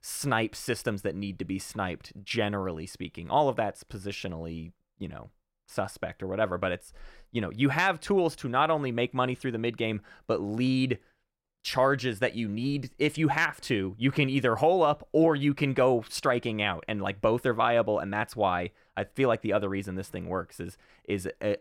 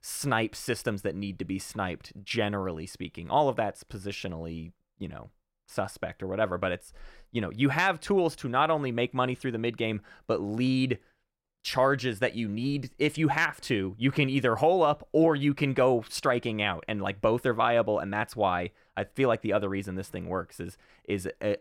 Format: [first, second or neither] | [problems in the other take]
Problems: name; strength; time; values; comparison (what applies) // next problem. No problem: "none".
neither | none